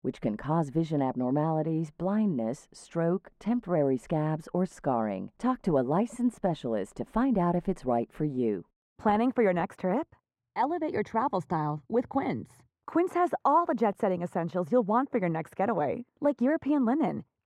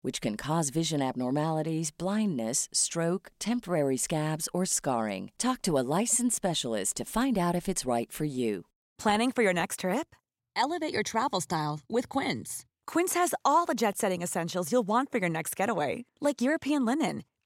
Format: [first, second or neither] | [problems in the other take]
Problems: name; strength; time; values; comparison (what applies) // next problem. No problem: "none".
second | muffled; very; fading above 2.5 kHz